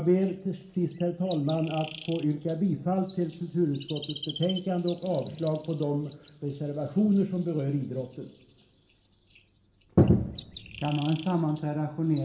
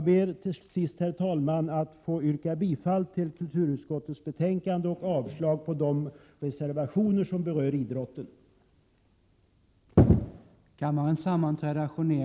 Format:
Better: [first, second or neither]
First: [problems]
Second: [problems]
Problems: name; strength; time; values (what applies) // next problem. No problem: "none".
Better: second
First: background sound (Chirp, tweet); 19 dB below the speech // room echo; dies away in 0.9 s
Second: none